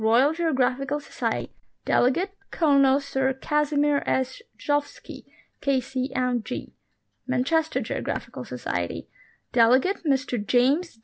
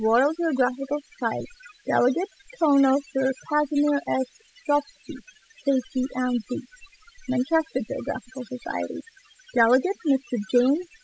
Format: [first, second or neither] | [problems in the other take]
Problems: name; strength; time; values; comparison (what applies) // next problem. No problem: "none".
first | noise reduction (classical method spectral subtraction)